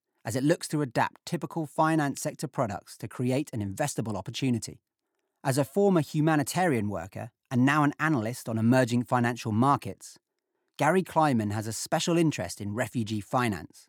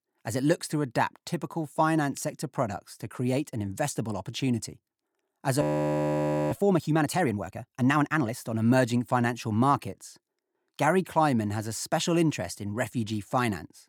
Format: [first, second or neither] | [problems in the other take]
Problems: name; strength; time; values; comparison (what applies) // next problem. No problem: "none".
first | audio freezing; at 5.5 s for 1 s